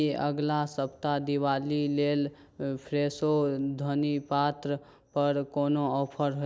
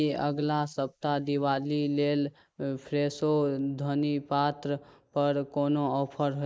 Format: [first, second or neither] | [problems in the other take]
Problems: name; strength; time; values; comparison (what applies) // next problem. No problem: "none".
first | noise reduction (neural mask model Resemble Enhance denoiser)